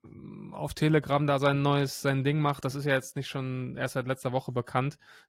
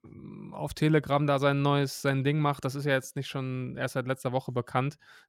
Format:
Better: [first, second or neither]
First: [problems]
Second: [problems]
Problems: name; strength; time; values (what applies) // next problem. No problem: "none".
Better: second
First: garbled, watery; slightly; nothing above 16.5 kHz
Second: none